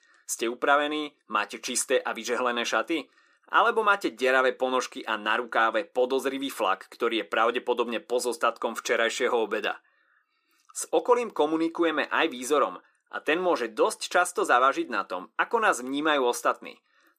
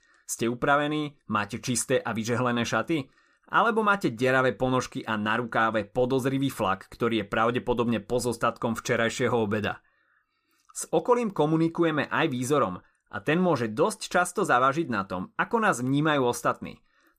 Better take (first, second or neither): second